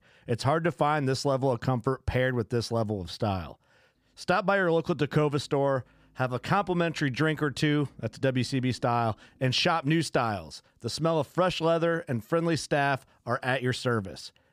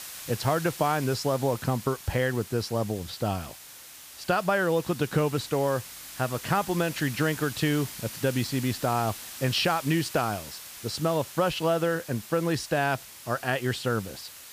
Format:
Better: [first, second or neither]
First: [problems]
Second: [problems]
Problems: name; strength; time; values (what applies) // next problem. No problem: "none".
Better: first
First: none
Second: hiss; noticeable; throughout; 10 dB below the speech